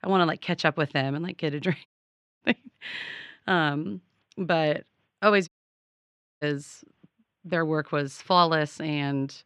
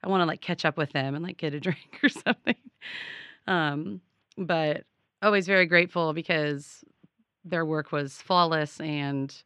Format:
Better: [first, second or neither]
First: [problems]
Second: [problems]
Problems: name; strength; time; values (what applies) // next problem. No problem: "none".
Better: second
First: audio cutting out; at 2 s for 0.5 s and at 5.5 s for 1 s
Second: none